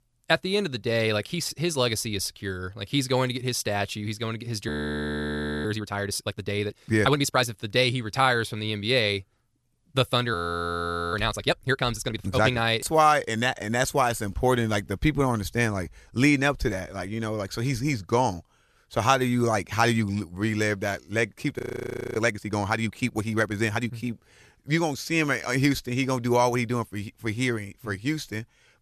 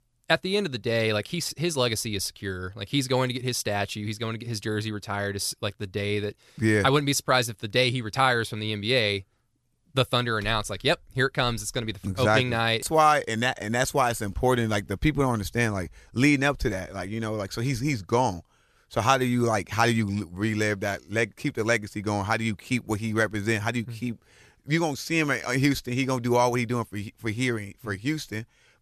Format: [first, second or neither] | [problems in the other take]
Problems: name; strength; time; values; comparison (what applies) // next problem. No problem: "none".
second | audio freezing; at 4.5 s for 1 s, at 10 s for 1 s and at 22 s for 0.5 s